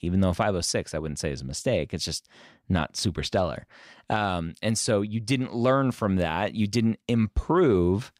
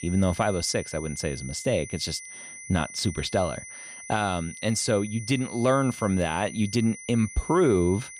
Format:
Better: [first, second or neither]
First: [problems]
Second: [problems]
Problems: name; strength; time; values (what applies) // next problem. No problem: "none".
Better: first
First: none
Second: high-pitched whine; noticeable; throughout; 2 kHz, 15 dB below the speech